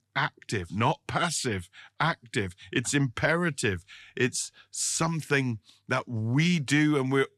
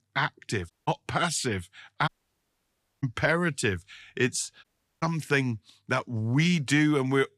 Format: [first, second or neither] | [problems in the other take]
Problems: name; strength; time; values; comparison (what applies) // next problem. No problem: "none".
first | audio cutting out; at 0.5 s, at 2 s for 1 s and at 4.5 s